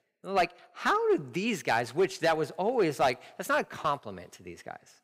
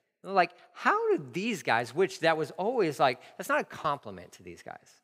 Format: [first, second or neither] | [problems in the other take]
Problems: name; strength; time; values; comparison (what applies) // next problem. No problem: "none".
second | distortion; slight; 3% of the sound clipped